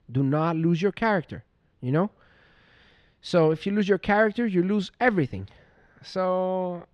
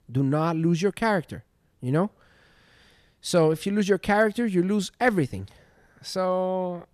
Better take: second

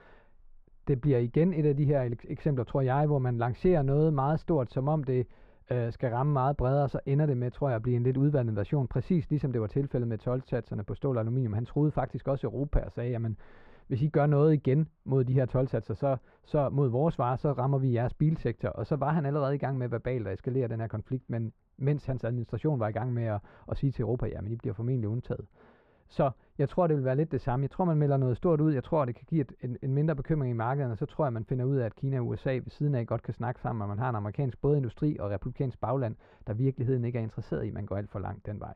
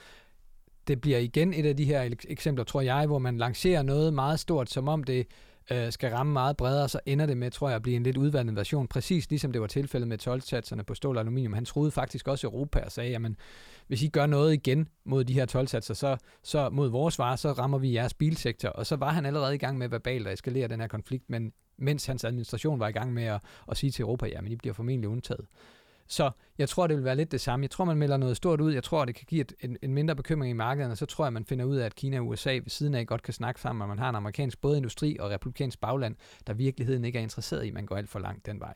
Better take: second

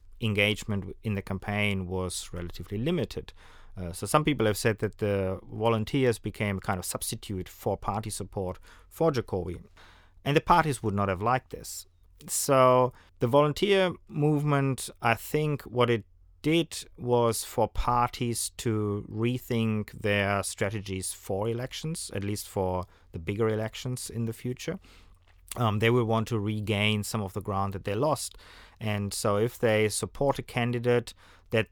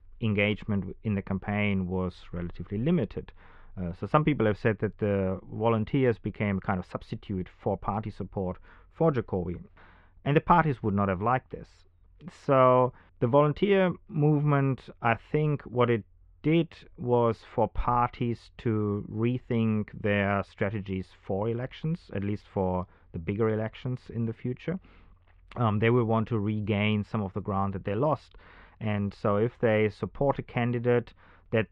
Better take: first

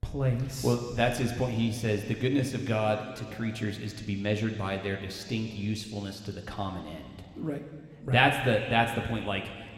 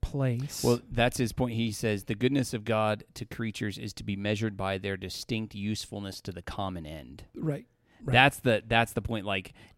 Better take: second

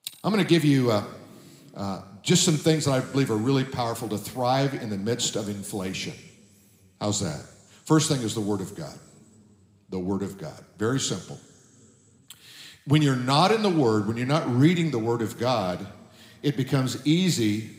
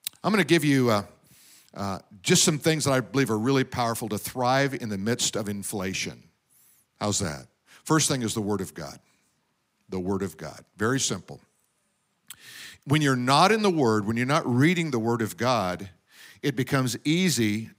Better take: second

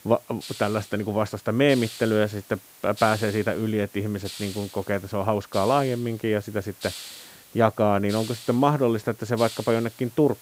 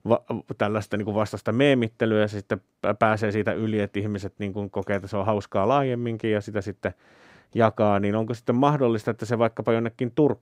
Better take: second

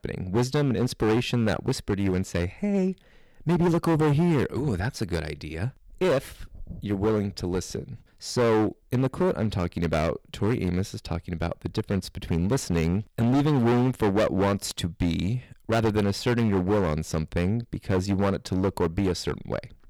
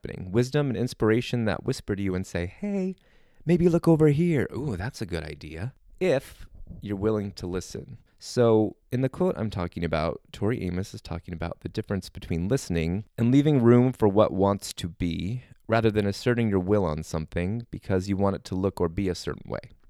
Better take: second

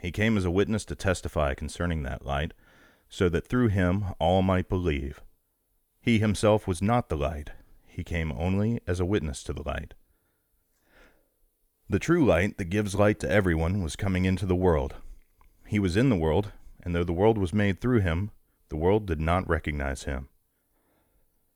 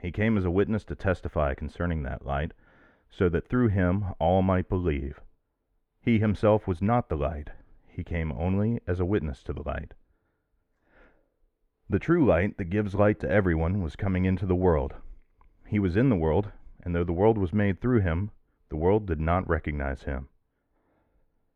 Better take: first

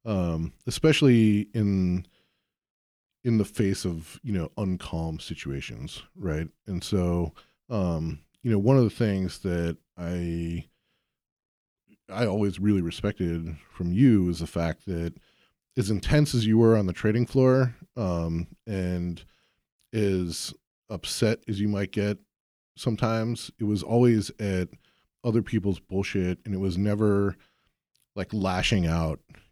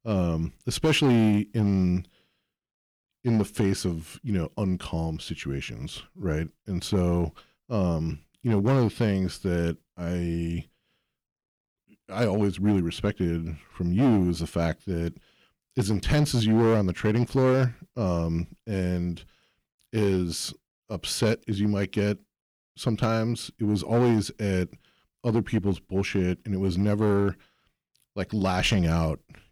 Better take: first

